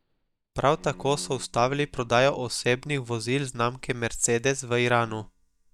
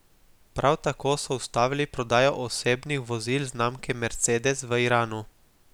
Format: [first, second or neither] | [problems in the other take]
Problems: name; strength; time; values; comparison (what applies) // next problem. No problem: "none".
second | noise reduction (neural mask model DeepFilterNet 3)